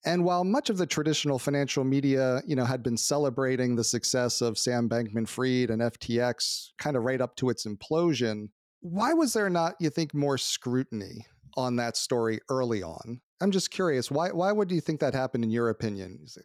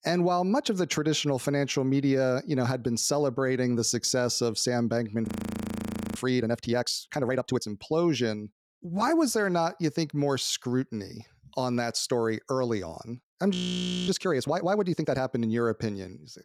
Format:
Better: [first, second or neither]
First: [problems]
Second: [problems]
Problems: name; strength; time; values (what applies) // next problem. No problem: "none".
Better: first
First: none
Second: audio freezing; at 5.5 s for 1 s and at 14 s for 0.5 s